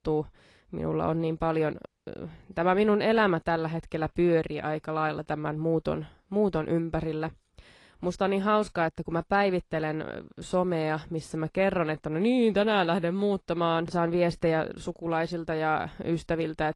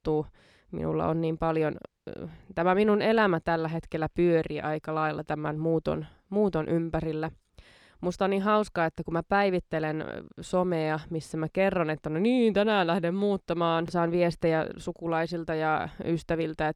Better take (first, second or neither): second